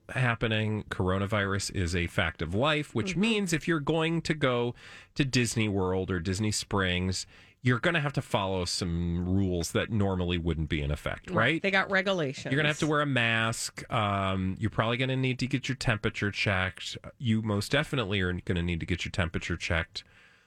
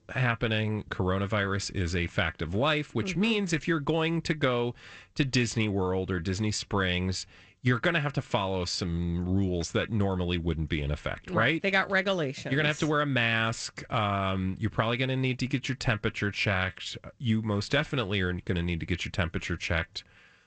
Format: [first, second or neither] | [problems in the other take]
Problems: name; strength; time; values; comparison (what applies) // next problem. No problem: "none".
first | garbled, watery; slightly; nothing above 8 kHz